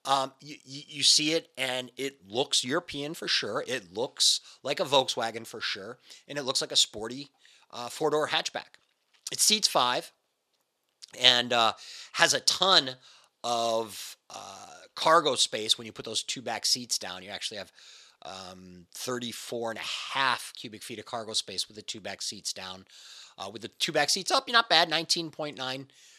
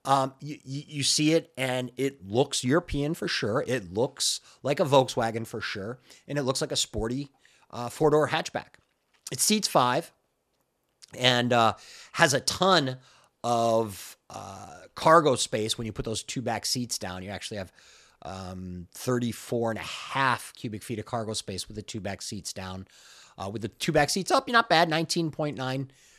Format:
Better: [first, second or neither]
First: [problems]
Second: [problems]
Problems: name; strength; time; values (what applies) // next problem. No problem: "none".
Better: second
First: thin; very slightly; fading below 450 Hz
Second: none